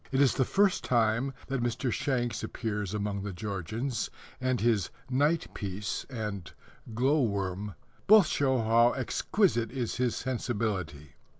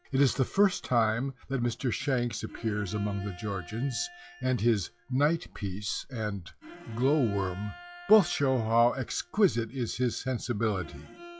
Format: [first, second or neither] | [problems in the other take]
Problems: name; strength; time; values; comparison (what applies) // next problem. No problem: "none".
first | noise reduction (classical method log-MMSE)